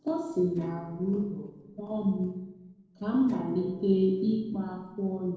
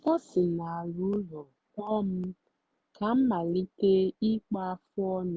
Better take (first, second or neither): second